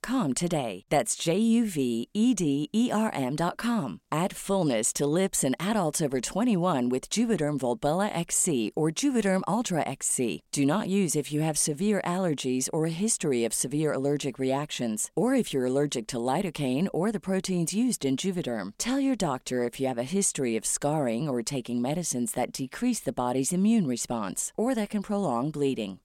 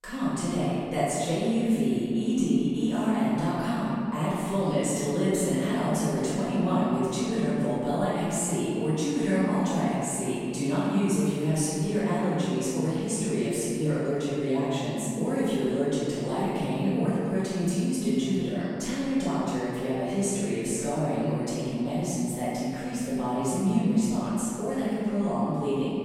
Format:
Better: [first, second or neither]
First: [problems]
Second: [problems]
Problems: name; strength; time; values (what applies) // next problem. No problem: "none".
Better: first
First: none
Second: off-mic speech; far // room echo; strong; dies away in 2.6 s